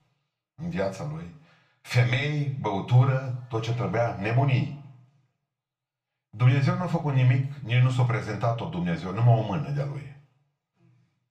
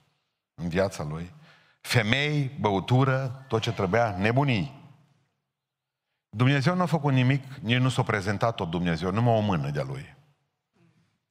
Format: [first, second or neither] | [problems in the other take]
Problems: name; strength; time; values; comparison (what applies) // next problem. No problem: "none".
second | room echo; slight; dies away in 0.3 s // off-mic speech; far